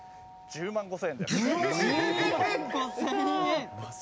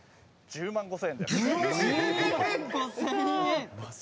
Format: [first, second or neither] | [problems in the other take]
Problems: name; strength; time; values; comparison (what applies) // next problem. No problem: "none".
second | background sound (Doorbell); 14 dB below the speech